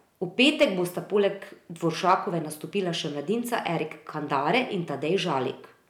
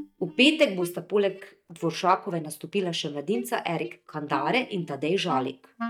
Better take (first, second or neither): first